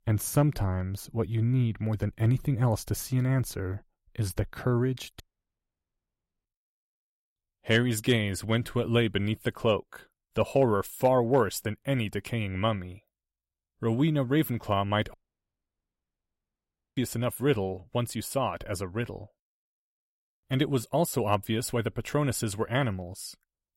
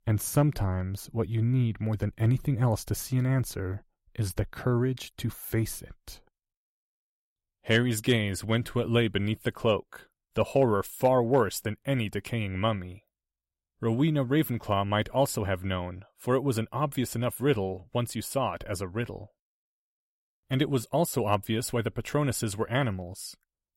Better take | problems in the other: second | audio cutting out; at 5 s for 1.5 s and at 15 s for 2 s

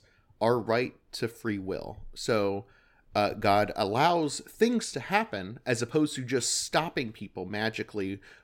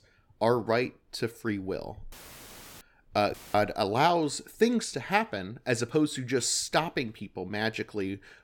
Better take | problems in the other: first | audio cutting out; filled with static; at 2 s for 0.5 s and at 3.5 s

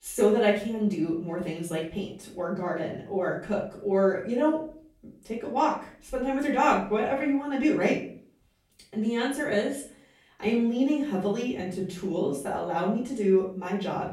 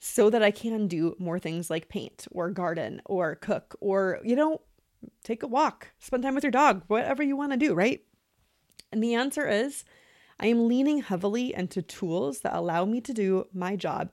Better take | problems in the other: second | room echo; slight; dies away in 0.4 s // off-mic speech; far

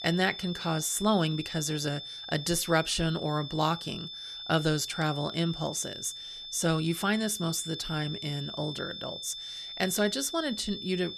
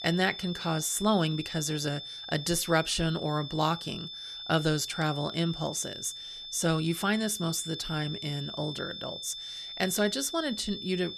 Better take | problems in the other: neither | high-pitched whine; loud; throughout; 3.5 kHz, 8 dB below the speech; the same in both

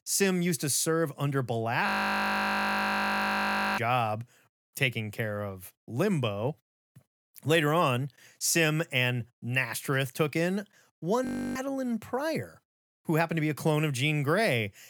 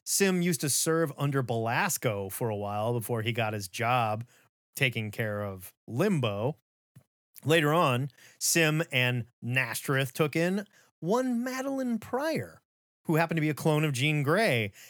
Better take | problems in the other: second | audio freezing; at 2 s for 2 s and at 11 s

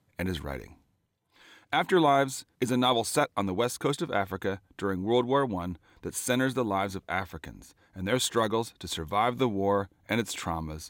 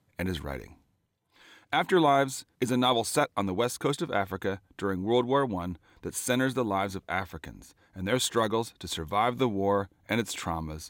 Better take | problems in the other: neither | none

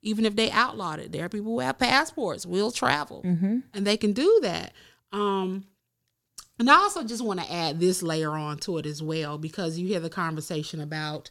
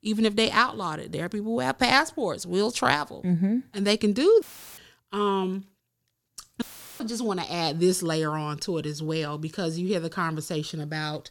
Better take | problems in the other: first | audio cutting out; filled with static; at 4.5 s and at 6.5 s

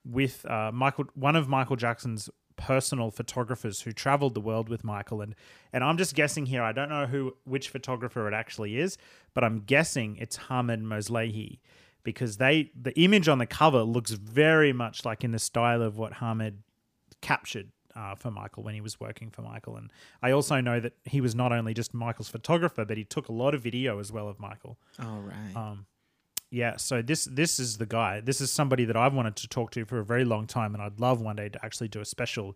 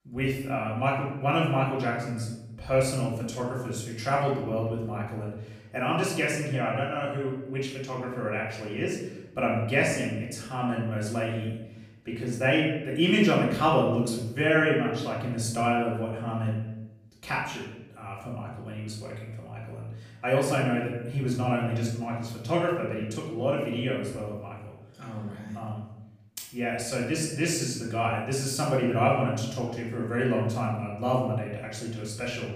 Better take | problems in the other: first | off-mic speech; far // room echo; noticeable; dies away in 0.8 s

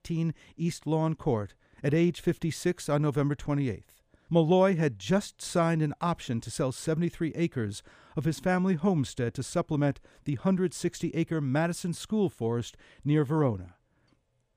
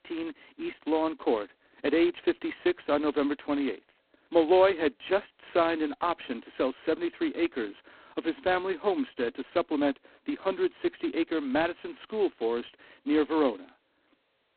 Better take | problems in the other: first | phone-call audio; poor line; nothing above 4 kHz

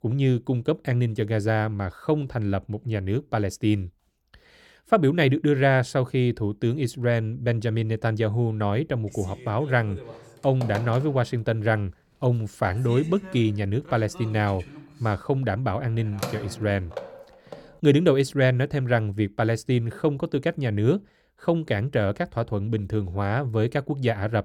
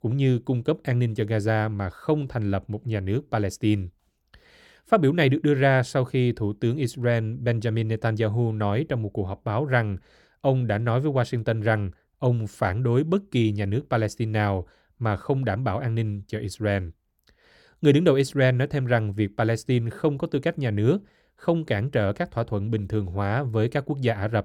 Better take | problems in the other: second | phone ringing; noticeable; from 9.5 to 18 s; peak 8 dB below the speech

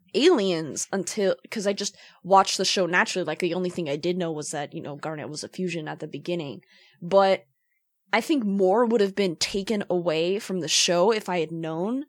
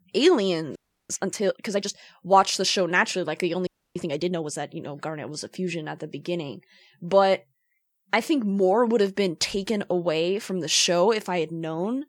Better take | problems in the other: first | audio freezing; at 1 s and at 3.5 s

